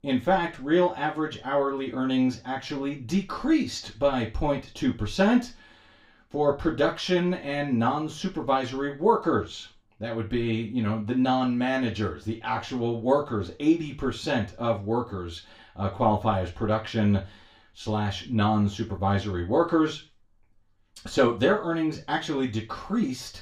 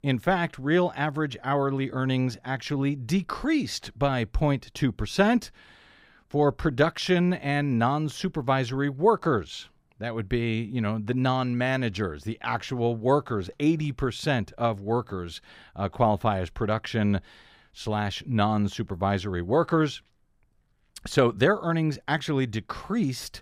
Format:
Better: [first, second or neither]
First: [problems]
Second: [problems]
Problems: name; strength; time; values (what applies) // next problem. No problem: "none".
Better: second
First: room echo; very slight; dies away in 0.3 s // off-mic speech; far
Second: none